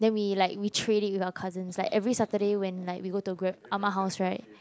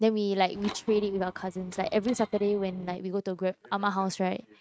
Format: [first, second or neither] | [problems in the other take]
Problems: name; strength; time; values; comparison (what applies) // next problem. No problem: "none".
first | noise reduction (neural mask model RNNoise)